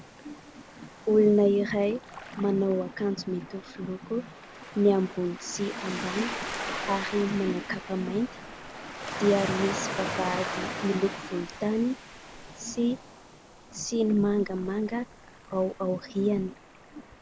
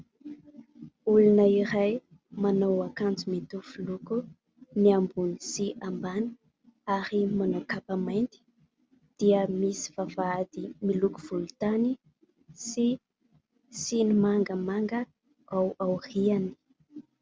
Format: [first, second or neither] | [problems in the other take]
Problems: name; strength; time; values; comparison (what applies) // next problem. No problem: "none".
second | background sound (Waves, surf); 10 dB below the speech